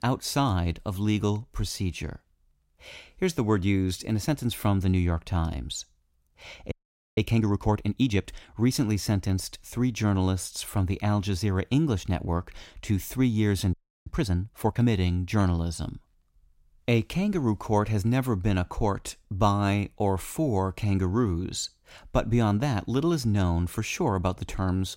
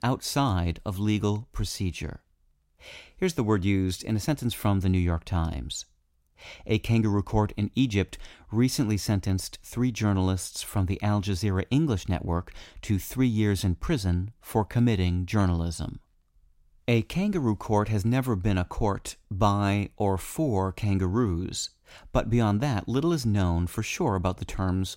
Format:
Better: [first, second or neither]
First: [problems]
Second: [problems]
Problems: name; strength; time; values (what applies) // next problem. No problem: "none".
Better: second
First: audio freezing; at 6.5 s and at 14 s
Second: none